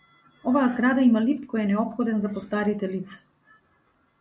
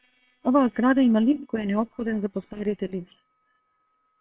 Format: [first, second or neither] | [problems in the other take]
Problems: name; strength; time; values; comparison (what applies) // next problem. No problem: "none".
first | noise reduction (neural separator model SepFormer WHAM!)